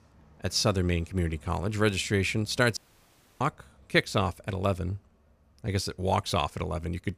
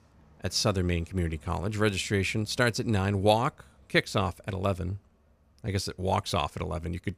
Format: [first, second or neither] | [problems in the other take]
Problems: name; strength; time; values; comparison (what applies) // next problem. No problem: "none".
second | audio cutting out; at 3 s for 0.5 s